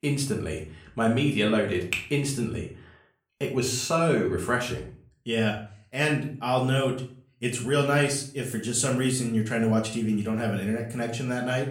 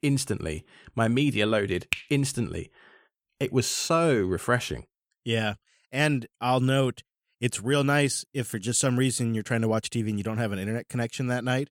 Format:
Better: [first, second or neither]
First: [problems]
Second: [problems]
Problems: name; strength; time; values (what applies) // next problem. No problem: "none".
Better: second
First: room echo; slight; dies away in 0.4 s // off-mic speech; somewhat distant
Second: none